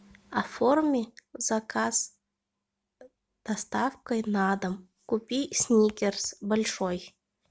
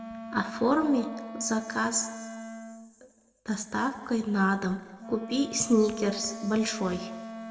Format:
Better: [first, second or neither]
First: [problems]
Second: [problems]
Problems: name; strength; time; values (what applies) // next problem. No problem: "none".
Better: first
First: none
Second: background sound (Wind instrument, woodwind instrument); 12 dB below the speech // room echo; dies away in 1.6 s